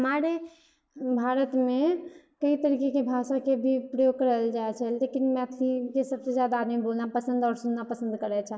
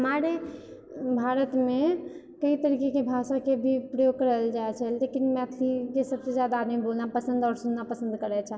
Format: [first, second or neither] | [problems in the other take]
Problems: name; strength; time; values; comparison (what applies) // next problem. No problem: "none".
second | noise reduction (neural mask model Resemble Enhance denoiser)